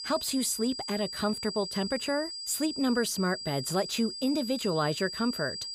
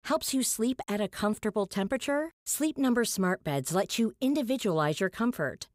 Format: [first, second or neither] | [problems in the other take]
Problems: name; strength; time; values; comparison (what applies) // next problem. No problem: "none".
second | high-pitched whine; loud; throughout; 5 kHz, 6 dB below the speech